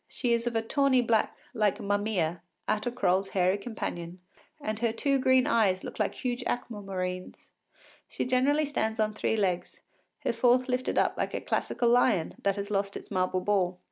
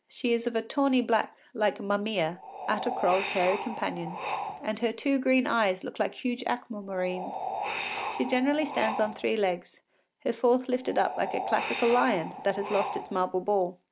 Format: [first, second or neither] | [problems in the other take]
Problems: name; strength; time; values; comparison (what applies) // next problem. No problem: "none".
first | background sound (Wind); 7 dB below the speech